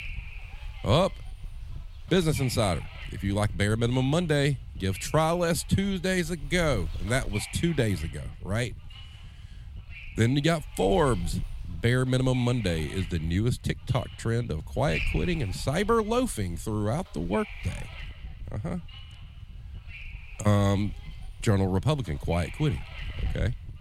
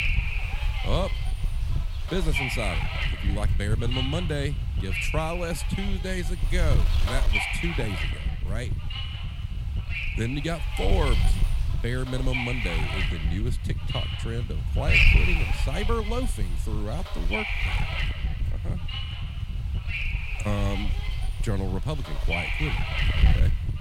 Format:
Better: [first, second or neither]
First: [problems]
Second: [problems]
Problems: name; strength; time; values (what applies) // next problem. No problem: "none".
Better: first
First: wind noise on the microphone; occasional gusts; 15 dB below the speech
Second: wind noise on the microphone; heavy; 4 dB above the speech